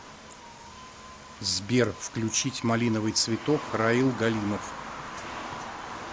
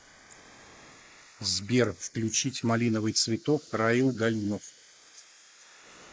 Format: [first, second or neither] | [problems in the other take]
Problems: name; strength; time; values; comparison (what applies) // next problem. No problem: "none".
first | noise reduction (neural mask model Resemble Enhance denoiser)